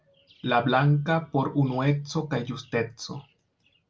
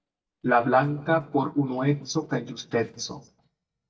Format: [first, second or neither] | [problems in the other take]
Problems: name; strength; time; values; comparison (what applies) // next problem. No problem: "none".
first | noise reduction (neural mask model DeepFilterNet 3)